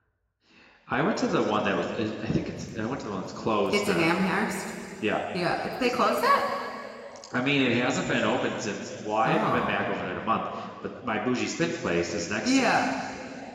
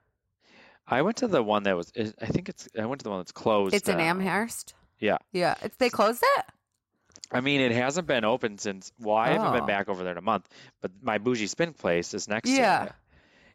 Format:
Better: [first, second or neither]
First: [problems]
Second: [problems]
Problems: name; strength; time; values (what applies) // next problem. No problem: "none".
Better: second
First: room echo; noticeable; dies away in 2.5 s // off-mic speech; somewhat distant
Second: none